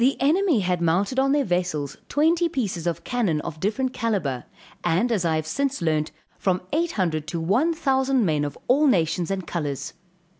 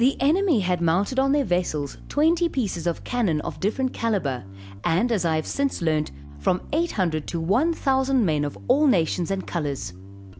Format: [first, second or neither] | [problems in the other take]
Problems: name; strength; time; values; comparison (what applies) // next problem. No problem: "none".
first | background sound (Bass guitar); 15 dB below the speech